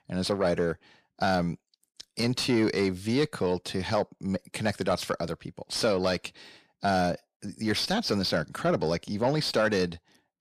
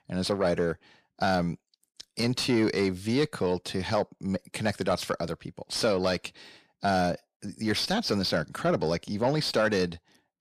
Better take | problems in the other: neither | distortion; slight; 10 dB below the speech; the same in both

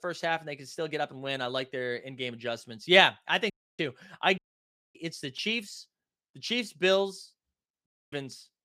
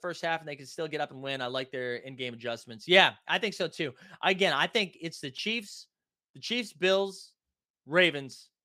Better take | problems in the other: second | audio cutting out; at 3.5 s, at 4.5 s for 0.5 s and at 8 s

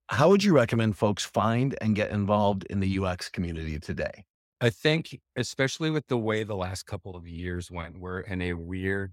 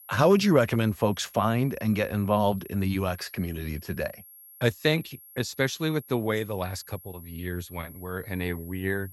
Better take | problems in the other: first | high-pitched whine; noticeable; throughout; 11.5 kHz, 20 dB below the speech

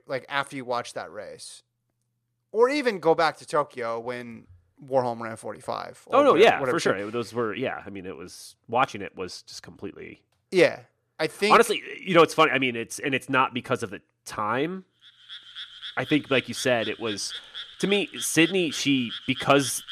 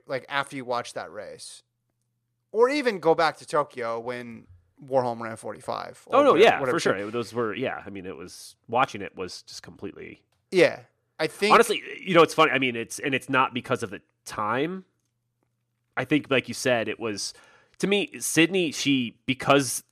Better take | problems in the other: second | animal sounds; noticeable; from 15 s on; 15 dB below the speech

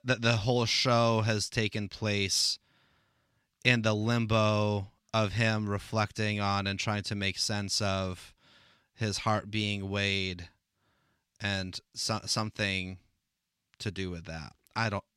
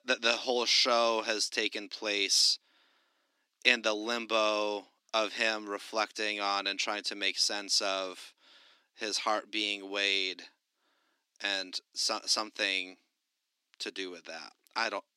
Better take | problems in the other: first | thin; very; fading below 300 Hz

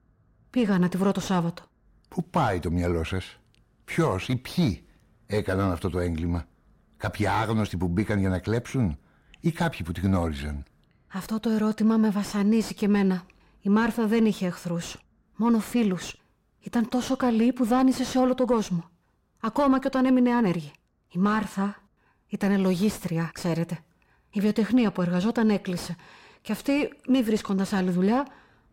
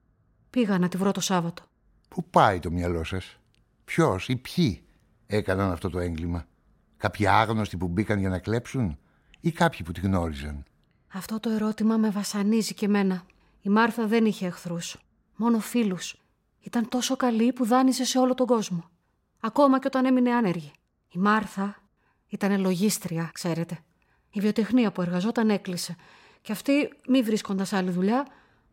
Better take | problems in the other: second | distortion; slight; 10 dB below the speech

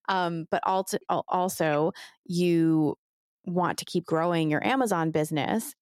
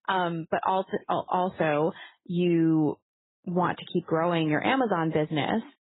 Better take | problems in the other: first | garbled, watery; badly; nothing above 4 kHz

